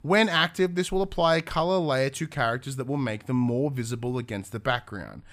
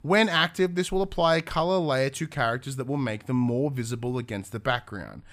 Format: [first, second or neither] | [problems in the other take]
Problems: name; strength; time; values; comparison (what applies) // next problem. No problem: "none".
neither | none